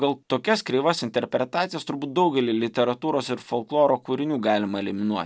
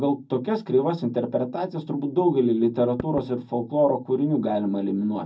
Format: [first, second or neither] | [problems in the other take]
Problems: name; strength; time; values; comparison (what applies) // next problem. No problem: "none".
first | background sound (Knock / Wood); 14 dB below the speech // room echo; dies away in 0.4 s